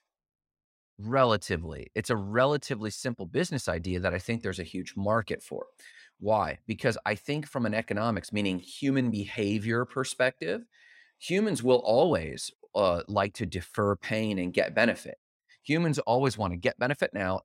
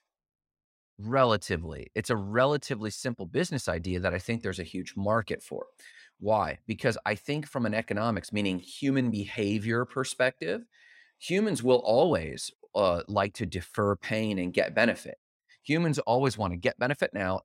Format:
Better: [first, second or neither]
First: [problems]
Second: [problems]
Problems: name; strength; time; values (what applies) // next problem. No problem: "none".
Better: neither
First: none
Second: none